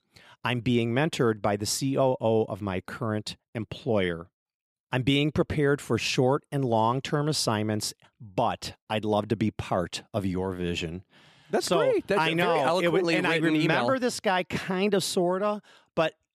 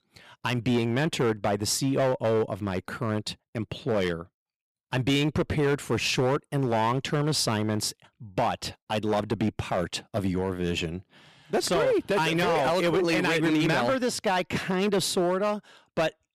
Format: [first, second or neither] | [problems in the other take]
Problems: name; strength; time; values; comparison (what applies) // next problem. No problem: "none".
first | distortion; slight; 9% of the sound clipped